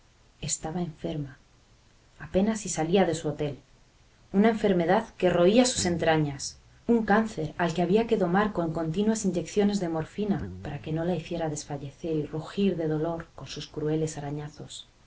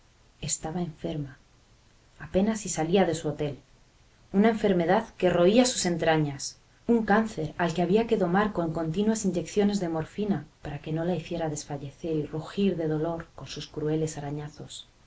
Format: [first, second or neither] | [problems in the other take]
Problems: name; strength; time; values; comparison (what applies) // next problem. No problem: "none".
second | background sound (Guitar); 17 dB below the speech